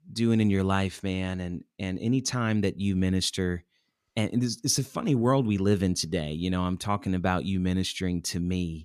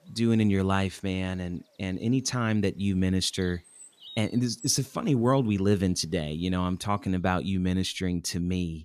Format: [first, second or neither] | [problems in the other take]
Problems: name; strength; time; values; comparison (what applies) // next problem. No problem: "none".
first | animal sounds; noticeable; throughout; 20 dB below the speech